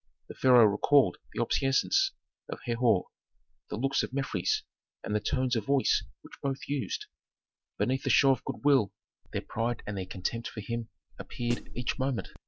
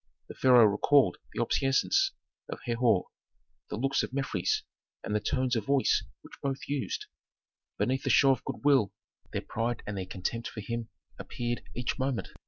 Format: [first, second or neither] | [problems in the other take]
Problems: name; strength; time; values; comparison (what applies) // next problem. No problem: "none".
second | background sound (Snare drum); 13 dB below the speech